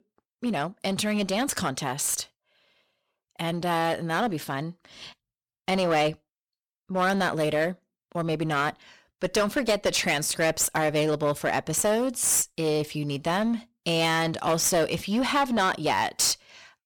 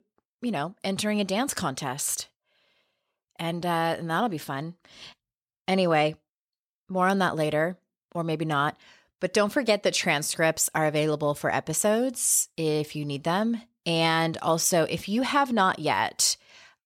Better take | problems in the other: second | distortion; slight; 8% of the sound clipped

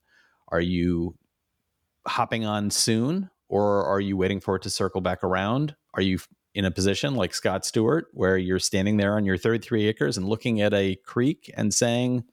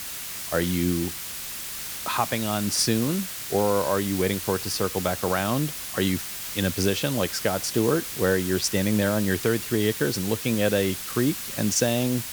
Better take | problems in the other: first | hiss; loud; throughout; 6 dB below the speech

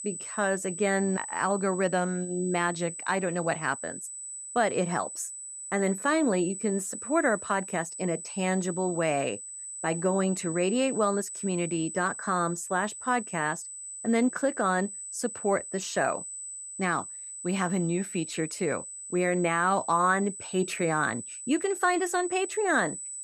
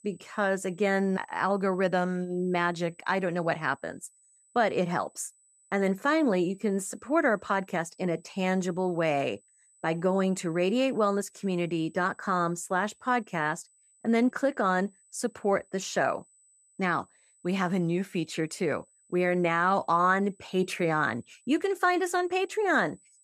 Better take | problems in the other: second | high-pitched whine; loud; throughout; 8 kHz, 8 dB below the speech; faint in the second

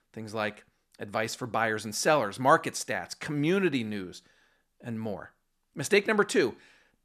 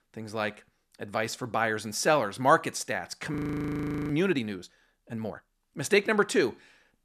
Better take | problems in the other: first | audio freezing; at 3.5 s for 1 s

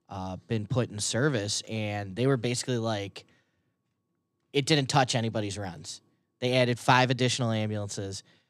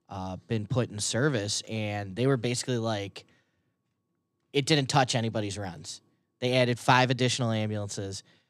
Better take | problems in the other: neither | none

